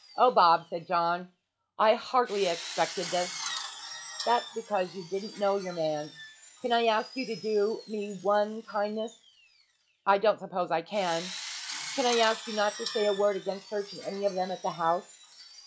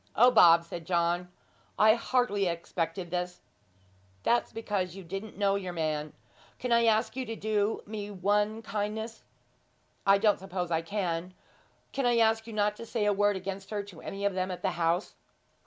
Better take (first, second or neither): second